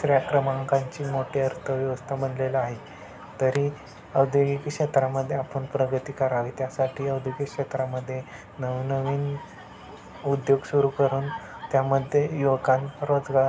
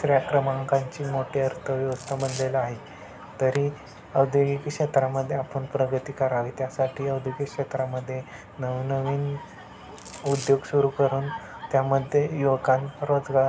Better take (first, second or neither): first